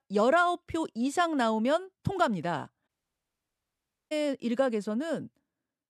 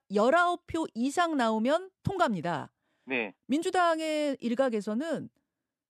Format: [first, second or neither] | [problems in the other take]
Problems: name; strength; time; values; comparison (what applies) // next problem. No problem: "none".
second | audio cutting out; at 3 s for 1 s